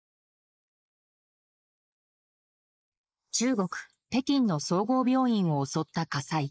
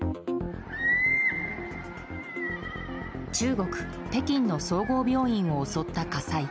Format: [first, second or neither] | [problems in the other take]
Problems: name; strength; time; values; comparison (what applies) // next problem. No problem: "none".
second | noise reduction (neural mask model Resemble Enhance denoiser)